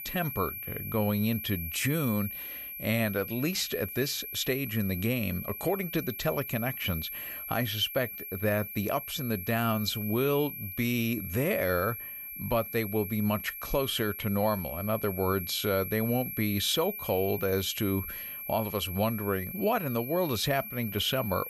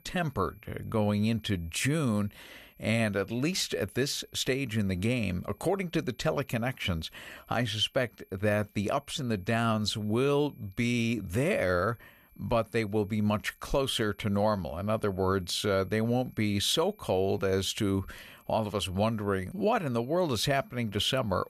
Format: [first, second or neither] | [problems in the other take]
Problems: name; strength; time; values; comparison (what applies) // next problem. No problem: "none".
second | high-pitched whine; loud; throughout; 11.5 kHz, 7 dB below the speech; faint in the second